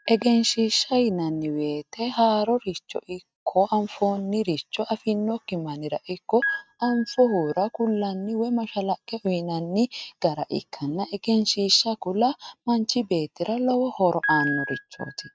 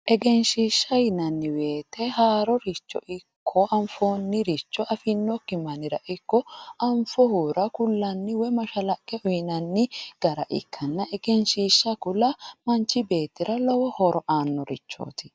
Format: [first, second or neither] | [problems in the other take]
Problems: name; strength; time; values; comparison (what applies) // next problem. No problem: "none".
second | noise reduction (neural mask model RNNoise)